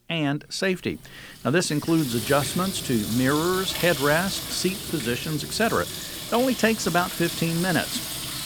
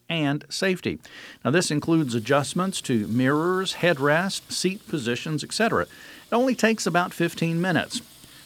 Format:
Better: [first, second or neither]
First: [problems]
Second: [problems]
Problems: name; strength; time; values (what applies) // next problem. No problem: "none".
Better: second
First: household noises; loud; throughout; 6 dB below the speech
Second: household noises; faint; throughout; 25 dB below the speech